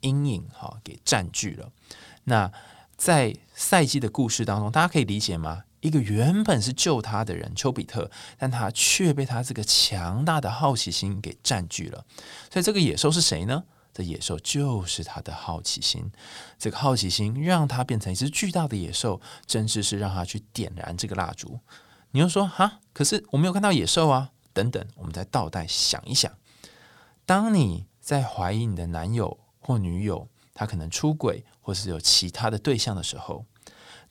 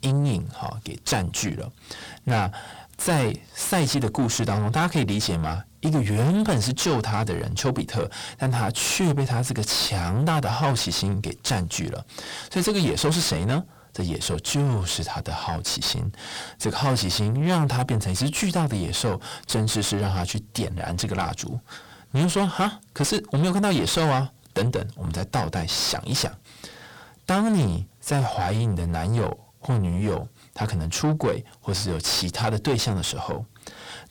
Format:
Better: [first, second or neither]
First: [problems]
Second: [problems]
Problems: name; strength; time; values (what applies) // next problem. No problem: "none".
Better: first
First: none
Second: distortion; heavy; 5 dB below the speech